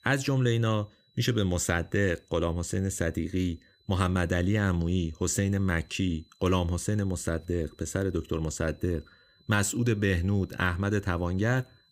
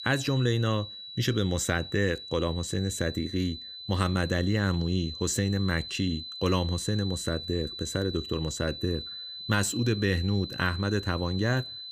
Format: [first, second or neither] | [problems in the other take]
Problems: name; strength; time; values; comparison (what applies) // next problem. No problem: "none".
first | high-pitched whine; loud; throughout; 4 kHz, 9 dB below the speech; faint in the first